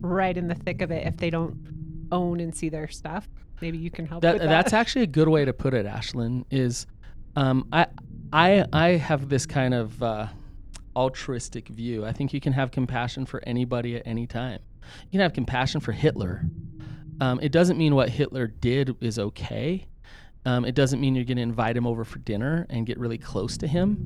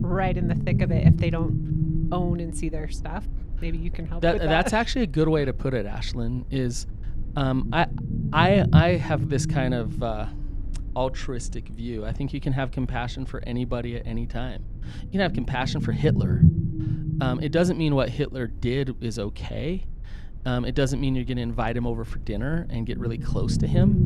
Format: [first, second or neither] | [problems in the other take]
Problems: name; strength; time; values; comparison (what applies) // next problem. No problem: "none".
first | low rumble; loud; throughout; 7 dB below the speech; faint in the first